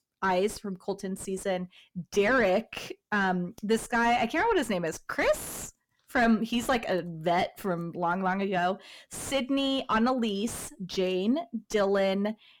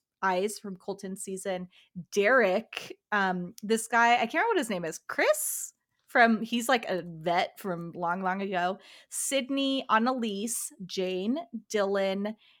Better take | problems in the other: second | distortion; heavy; 7 dB below the speech

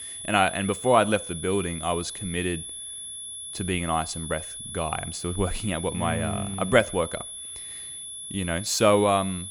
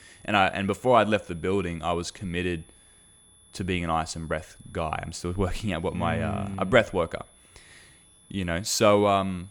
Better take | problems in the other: second | high-pitched whine; loud; throughout; 10.5 kHz, 9 dB below the speech; faint in the second

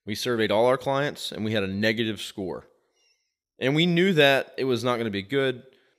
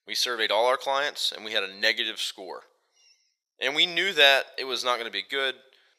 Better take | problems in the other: first | thin; very; fading below 800 Hz

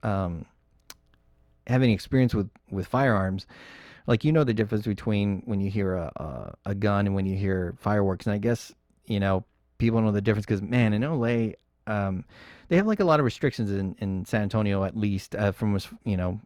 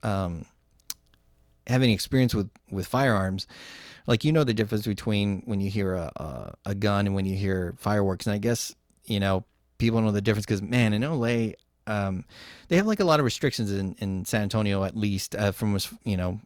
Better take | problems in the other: second | muffled; slightly; fading above 3.5 kHz

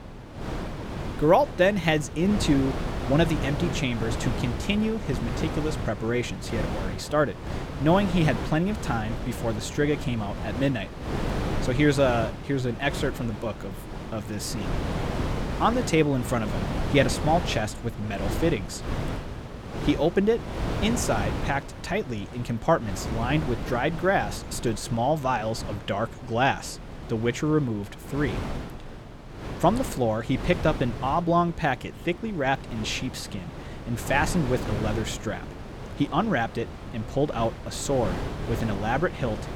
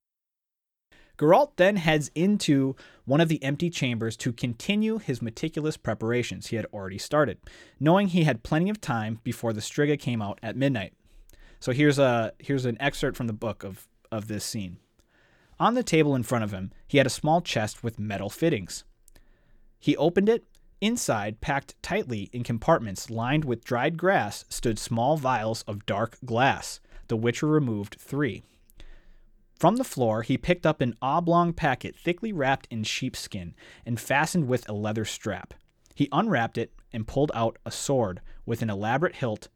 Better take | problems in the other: second | wind noise on the microphone; heavy; 10 dB below the speech

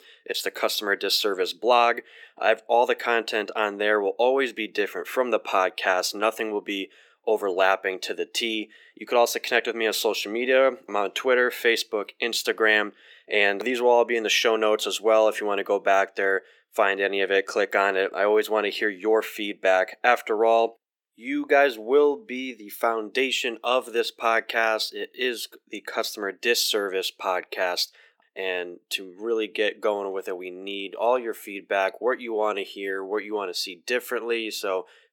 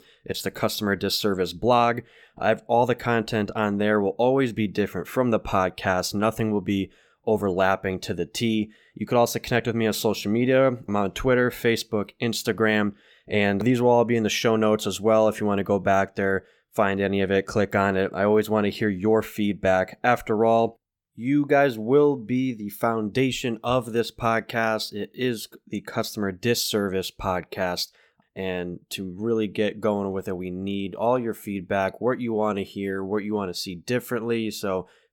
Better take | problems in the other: second | thin; somewhat; fading below 350 Hz

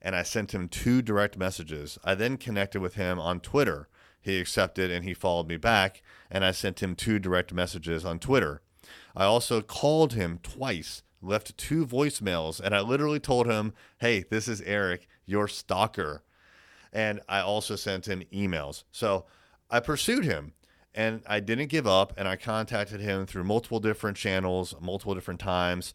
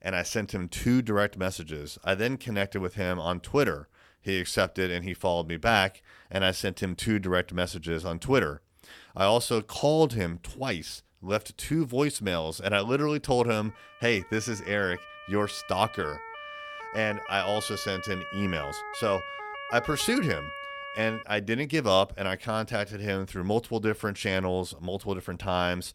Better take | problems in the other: first | siren; noticeable; from 14 to 21 s; peak 9 dB below the speech

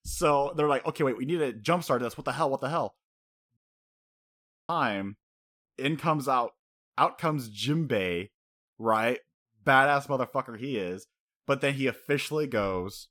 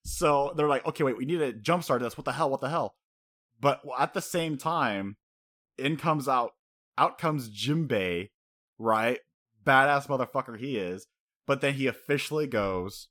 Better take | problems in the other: second | audio cutting out; at 3.5 s for 1 s

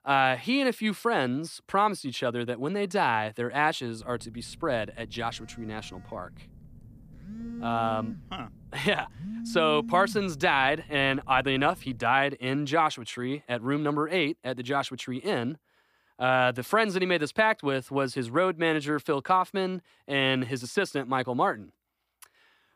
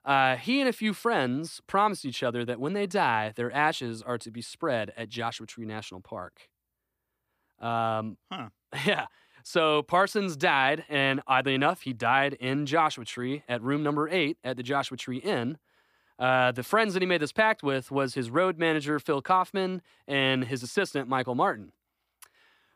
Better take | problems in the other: second | phone ringing; noticeable; from 4 to 12 s; peak 9 dB below the speech

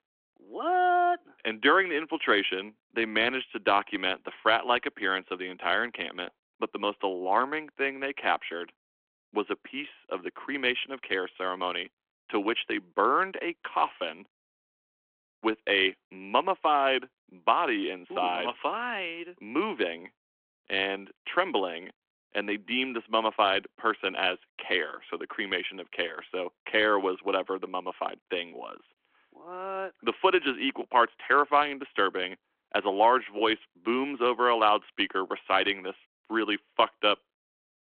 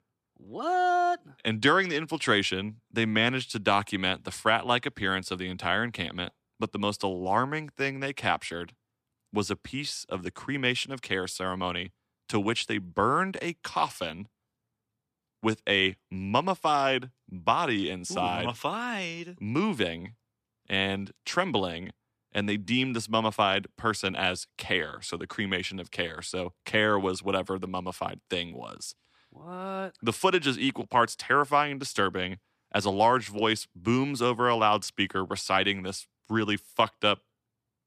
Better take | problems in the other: second | phone-call audio

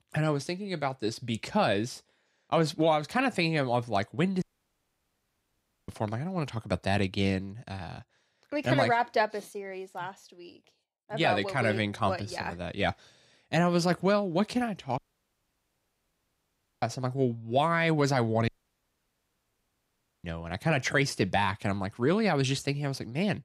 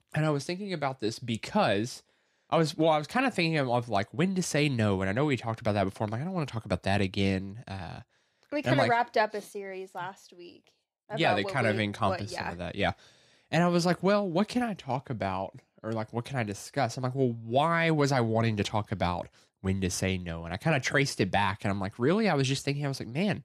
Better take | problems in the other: second | audio cutting out; at 4.5 s for 1.5 s, at 15 s for 2 s and at 18 s for 2 s

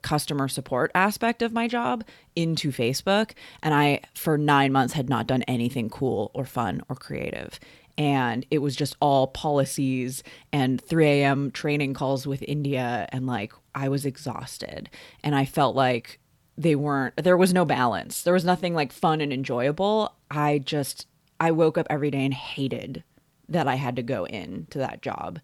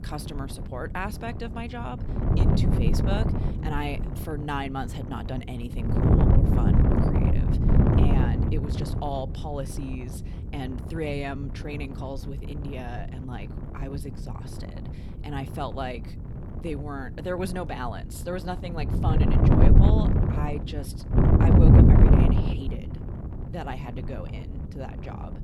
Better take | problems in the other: first | wind noise on the microphone; heavy; 4 dB above the speech

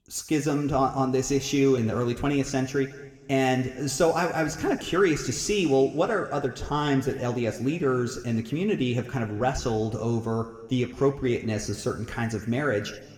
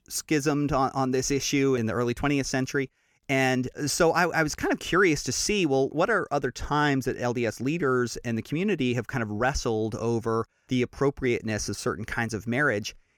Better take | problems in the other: second | room echo; slight; dies away in 1.2 s

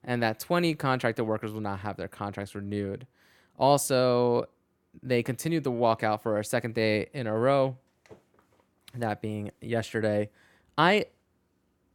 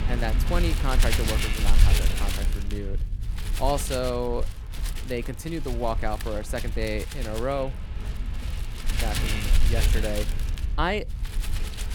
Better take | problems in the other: first | wind noise on the microphone; heavy; 4 dB below the speech

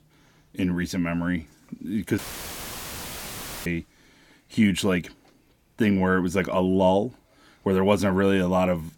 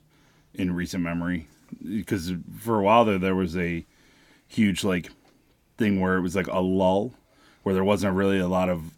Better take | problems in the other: second | audio cutting out; filled with static; at 2 s for 1.5 s

